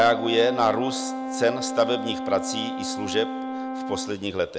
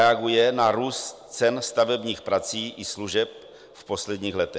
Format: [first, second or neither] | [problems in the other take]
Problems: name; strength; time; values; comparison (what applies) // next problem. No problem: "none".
second | background sound (Brass instrument); 6 dB below the speech